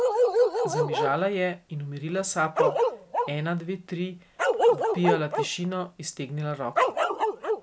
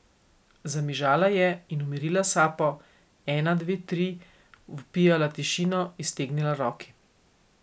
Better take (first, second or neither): second